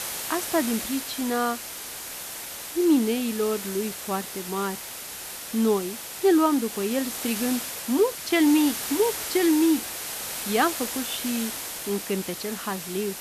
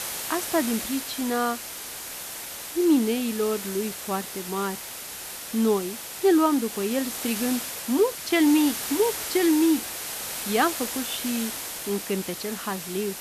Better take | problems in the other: neither | hiss; loud; throughout; 6 dB below the speech; the same in both

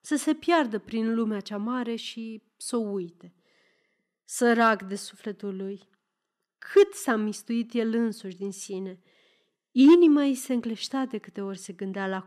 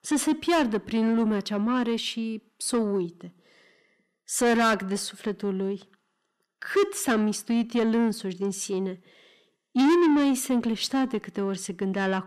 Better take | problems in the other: first | distortion; heavy; 6 dB below the speech

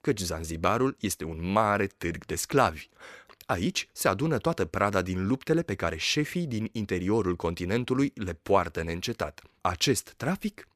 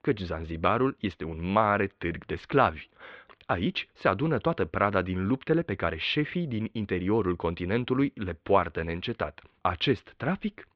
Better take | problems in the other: first | muffled; very; fading above 3.5 kHz

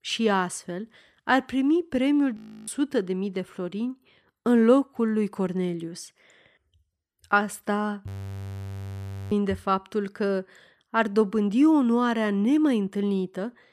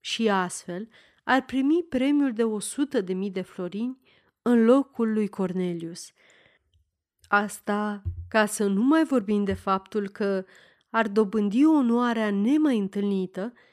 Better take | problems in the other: second | audio freezing; at 2.5 s and at 8 s for 1 s

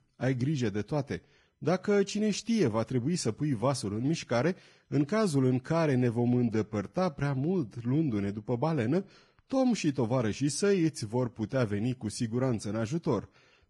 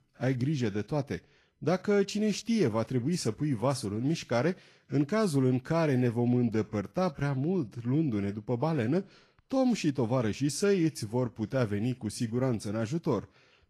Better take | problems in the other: second | garbled, watery; badly; nothing above 10.5 kHz; slightly in the second

